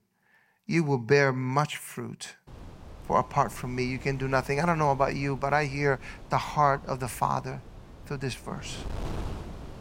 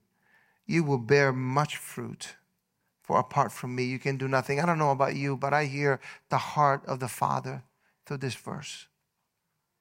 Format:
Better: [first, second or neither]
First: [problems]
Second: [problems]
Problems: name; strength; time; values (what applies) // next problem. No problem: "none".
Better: second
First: wind noise on the microphone; occasional gusts; from 2.5 s on; 20 dB below the speech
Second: none